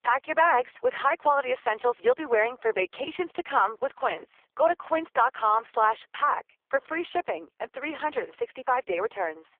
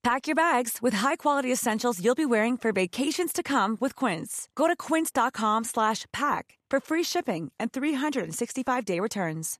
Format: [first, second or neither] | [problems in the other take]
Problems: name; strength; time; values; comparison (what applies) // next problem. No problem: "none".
second | phone-call audio; poor line